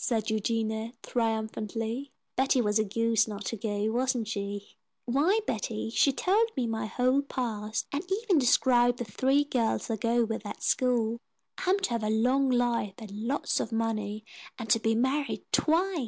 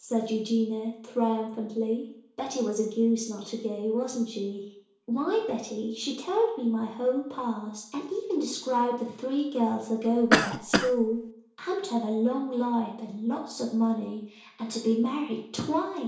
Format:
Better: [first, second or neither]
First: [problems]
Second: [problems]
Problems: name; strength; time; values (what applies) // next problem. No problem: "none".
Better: first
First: none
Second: background sound (Cough); 2 dB above the speech // room echo; dies away in 0.6 s